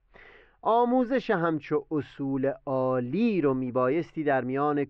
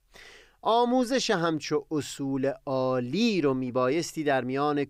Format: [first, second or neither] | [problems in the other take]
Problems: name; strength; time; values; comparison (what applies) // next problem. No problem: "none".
second | muffled; very; fading above 2 kHz